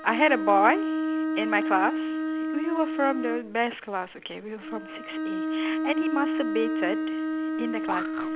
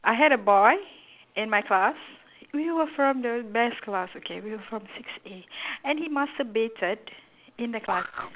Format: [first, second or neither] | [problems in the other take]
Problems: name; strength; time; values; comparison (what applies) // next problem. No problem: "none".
second | background sound (Bowed string instrument); 1 dB below the speech